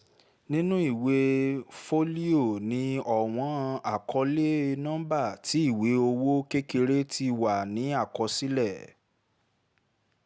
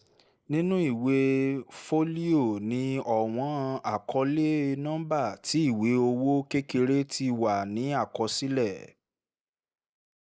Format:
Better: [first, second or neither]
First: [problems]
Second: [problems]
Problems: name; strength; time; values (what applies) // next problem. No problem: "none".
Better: first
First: none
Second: noise reduction (neural mask model Resemble Enhance denoiser)